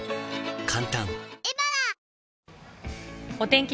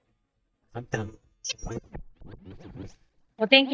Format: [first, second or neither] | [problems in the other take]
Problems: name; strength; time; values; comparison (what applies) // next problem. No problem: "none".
first | noise reduction (neural mask model DeepFilterNet 3)